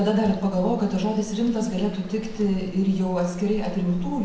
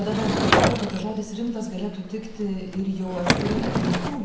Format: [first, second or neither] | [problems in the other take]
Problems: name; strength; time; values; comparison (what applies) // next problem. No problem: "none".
first | background sound (Sliding door / Wood); 2 dB above the speech